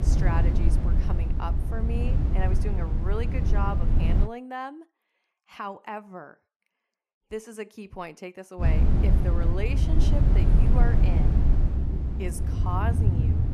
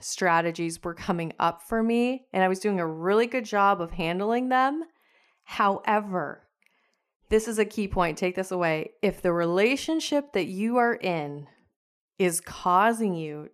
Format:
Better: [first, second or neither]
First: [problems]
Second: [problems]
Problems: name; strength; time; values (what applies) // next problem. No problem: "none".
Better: second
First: low rumble; loud; until 4.5 s and from 8.5 s on; 2 dB below the speech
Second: none